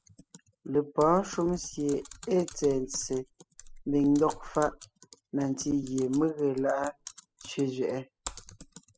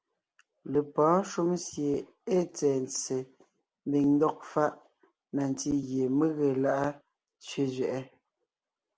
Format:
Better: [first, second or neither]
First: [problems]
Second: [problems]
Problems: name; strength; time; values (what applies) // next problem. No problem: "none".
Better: second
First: noise reduction (classical method spectral subtraction)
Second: none